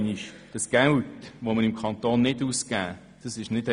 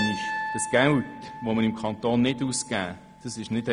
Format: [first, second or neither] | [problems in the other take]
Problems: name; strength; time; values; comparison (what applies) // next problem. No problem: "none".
first | background sound (Piano); 10 dB below the speech